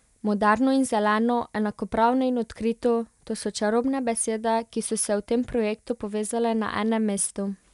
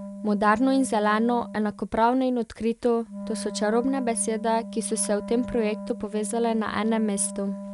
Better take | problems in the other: first | background sound (Wind instrument, woodwind instrument); 12 dB below the speech

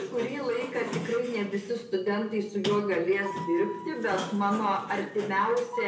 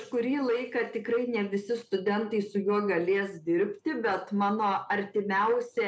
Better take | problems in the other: second | background sound (Sliding door); 10 dB below the speech // room echo; dies away in 0.5 s

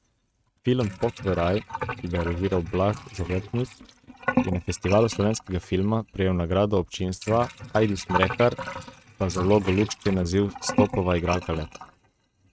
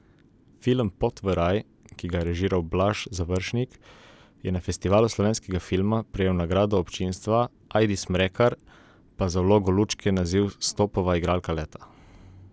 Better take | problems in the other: second | noise reduction (neural mask model RNNoise)

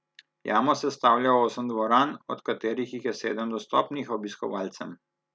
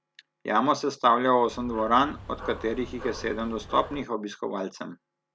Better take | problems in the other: first | background sound (Dog); 14 dB below the speech

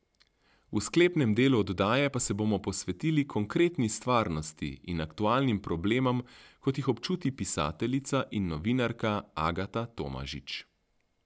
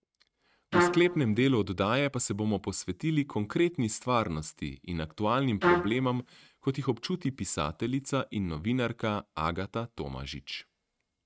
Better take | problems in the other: first | noise reduction (neural mask model RNNoise)

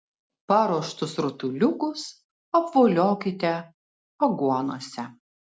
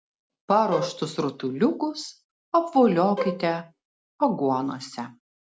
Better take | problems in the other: first | background sound (Bowed string instrument); 7 dB below the speech

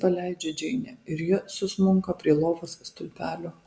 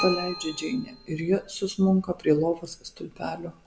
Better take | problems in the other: first | background sound (Keyboard (musical)); 13 dB below the speech

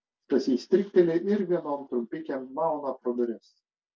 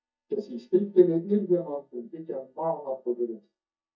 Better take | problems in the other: first | noise reduction (neural mask model DeepFilterNet 3)

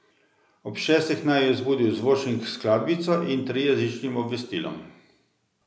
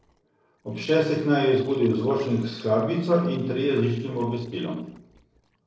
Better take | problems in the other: first | noise reduction (neural separator model SepFormer DNS4)

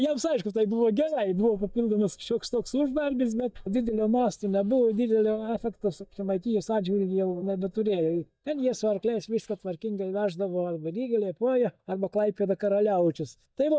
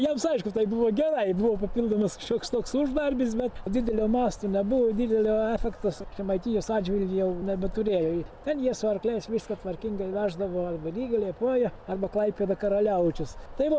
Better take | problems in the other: second | noise reduction (neural mask model DeepFilterNet 3)

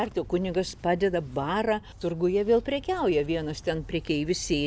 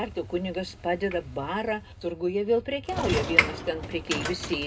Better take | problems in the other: first | background sound (Sliding door / Train); 3 dB below the speech // room echo; dies away in 0.2 s

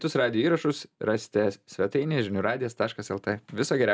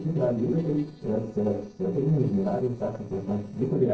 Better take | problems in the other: first | noise reduction (neural separator model SepFormer DNS4)

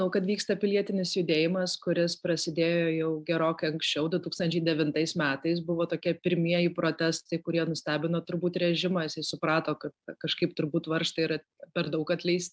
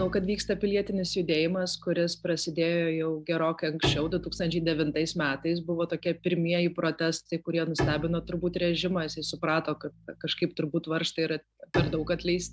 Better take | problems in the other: first | background sound (Bowed string instrument); 11 dB below the speech

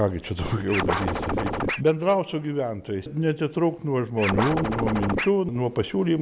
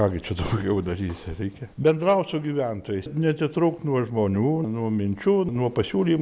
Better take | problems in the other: second | background sound (Scratching (performance technique)); 2 dB below the speech

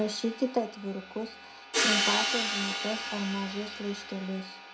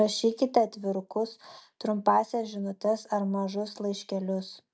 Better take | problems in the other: second | background sound (Hi-hat); as loud as the speech // room echo; dies away in 0.4 s

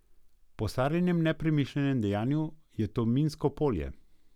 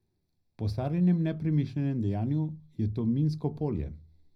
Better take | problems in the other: first | room echo; dies away in 0.4 s

